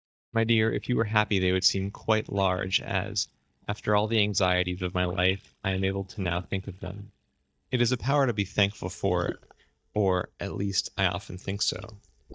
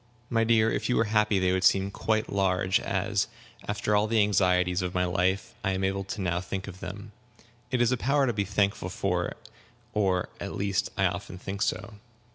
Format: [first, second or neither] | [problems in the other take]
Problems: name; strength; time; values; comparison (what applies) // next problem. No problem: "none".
second | noise reduction (neural mask model DeepFilterNet 3)